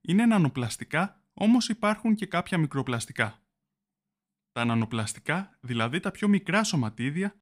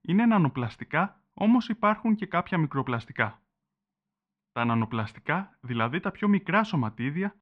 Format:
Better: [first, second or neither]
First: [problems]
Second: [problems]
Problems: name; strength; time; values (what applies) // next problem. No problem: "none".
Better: first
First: none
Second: muffled; very; fading above 3 kHz